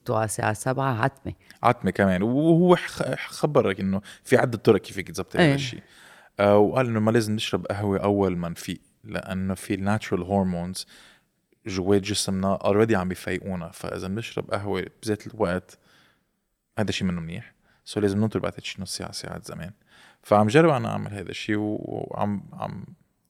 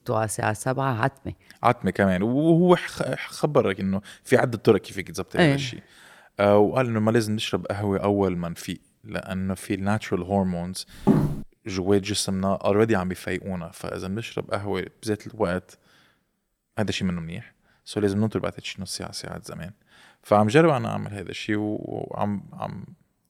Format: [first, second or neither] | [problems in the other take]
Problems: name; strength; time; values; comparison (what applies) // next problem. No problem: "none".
first | footsteps; loud; at 11 s; peak 3 dB above the speech